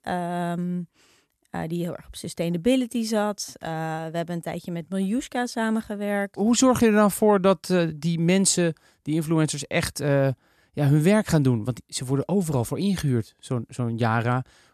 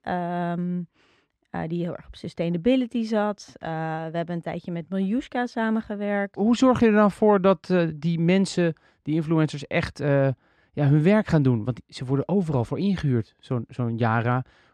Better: first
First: none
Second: muffled; slightly; fading above 3 kHz

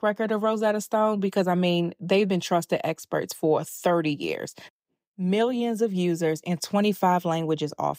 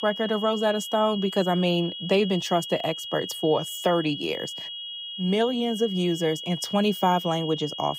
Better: first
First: none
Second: high-pitched whine; loud; throughout; 3.5 kHz, 8 dB below the speech

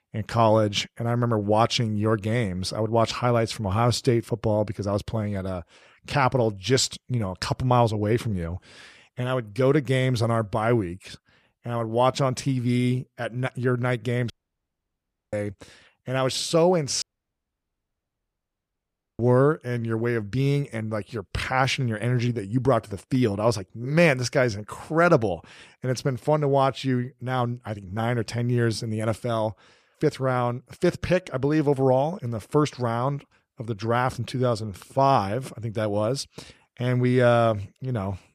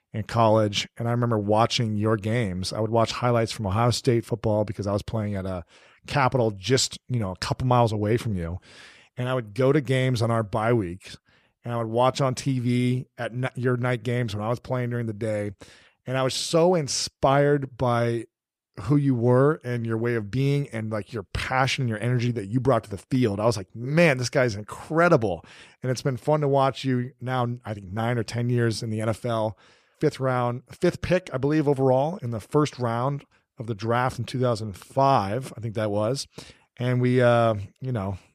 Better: second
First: audio cutting out; at 14 s for 1 s and at 17 s for 2 s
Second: none

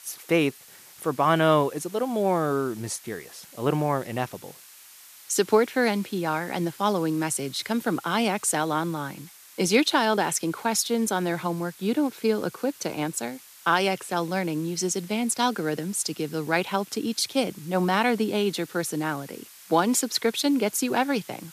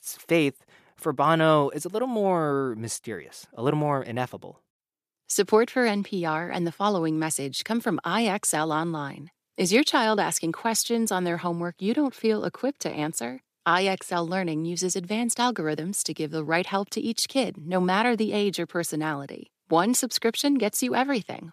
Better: second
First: hiss; faint; throughout; 20 dB below the speech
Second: none

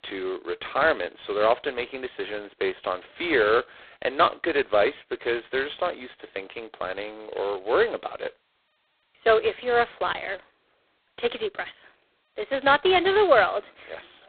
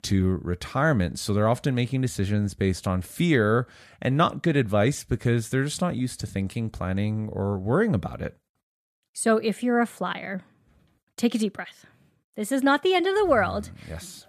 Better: second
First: phone-call audio; poor line; nothing above 4 kHz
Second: none

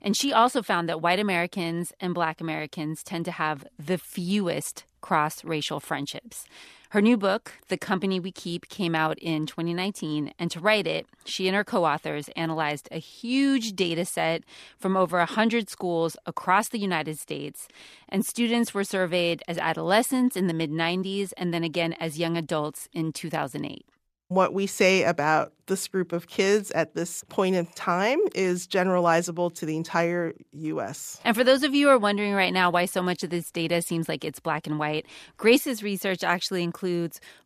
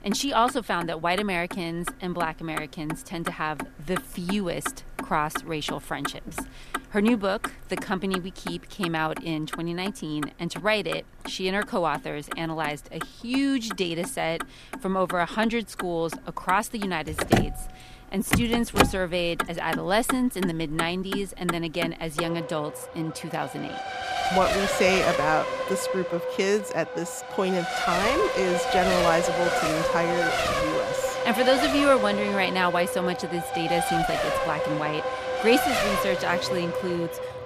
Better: first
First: none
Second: traffic noise; loud; throughout; 2 dB below the speech

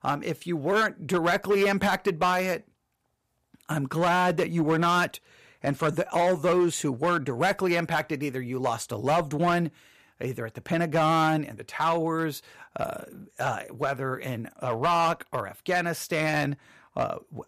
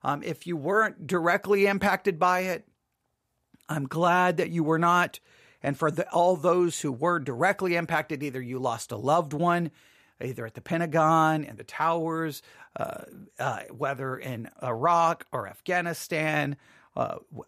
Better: second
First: distortion; slight; 6% of the sound clipped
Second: none

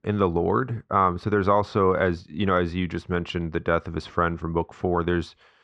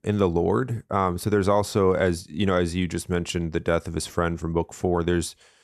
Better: second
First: muffled; slightly; fading above 4 kHz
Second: none

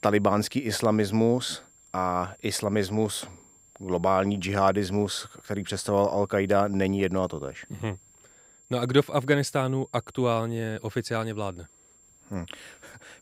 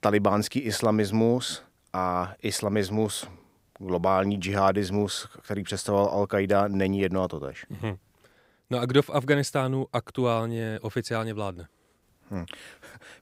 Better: second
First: high-pitched whine; faint; throughout; 7.5 kHz, 30 dB below the speech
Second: none

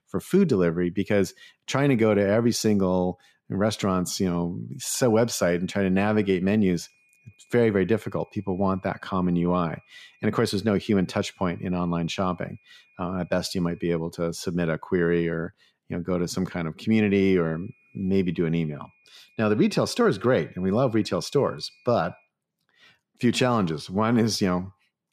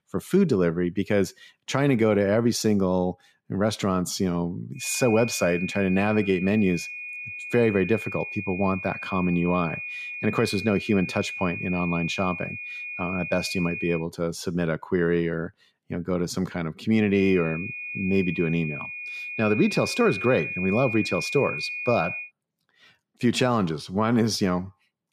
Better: first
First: high-pitched whine; faint; from 5 to 14 s and from 17 to 22 s; 2.5 kHz, 35 dB below the speech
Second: high-pitched whine; loud; from 5 to 14 s and from 17 to 22 s; 2.5 kHz, 7 dB below the speech

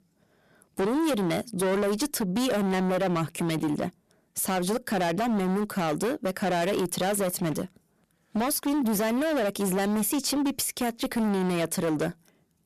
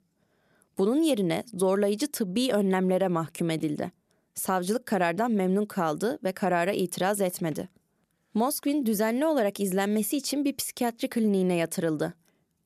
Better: second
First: distortion; heavy; 25% of the sound clipped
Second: none

